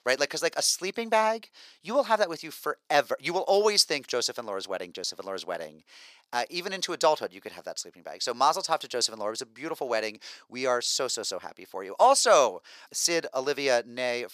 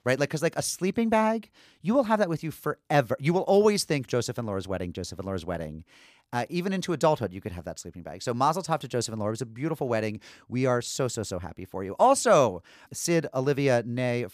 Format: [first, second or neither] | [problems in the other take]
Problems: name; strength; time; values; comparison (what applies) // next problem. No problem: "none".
second | thin; somewhat; fading below 500 Hz